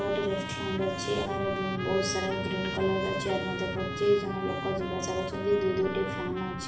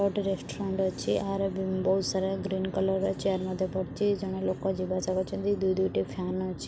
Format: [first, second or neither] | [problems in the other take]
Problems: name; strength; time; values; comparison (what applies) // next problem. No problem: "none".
second | background sound (Trumpet); 8 dB below the speech // room echo; dies away in 0.6 s